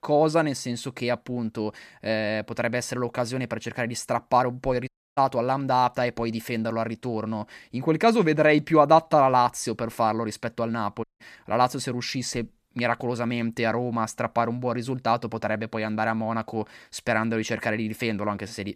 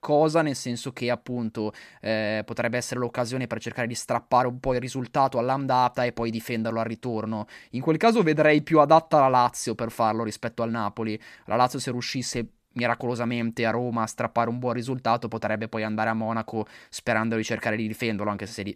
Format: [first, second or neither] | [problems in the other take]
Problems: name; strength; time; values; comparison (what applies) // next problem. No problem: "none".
second | audio cutting out; at 5 s and at 11 s